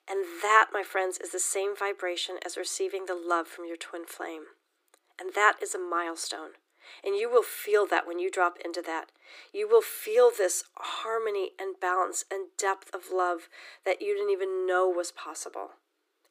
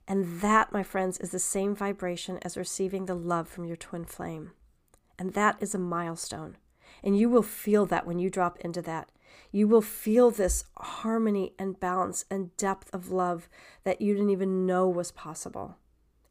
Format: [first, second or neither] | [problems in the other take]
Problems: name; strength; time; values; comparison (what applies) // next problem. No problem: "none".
second | thin; very; fading below 300 Hz